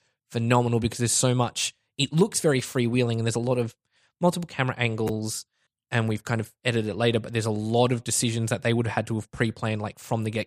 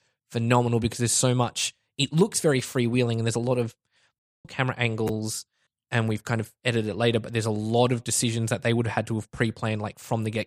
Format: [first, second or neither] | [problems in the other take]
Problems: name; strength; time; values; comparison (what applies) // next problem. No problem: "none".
first | audio cutting out; at 4 s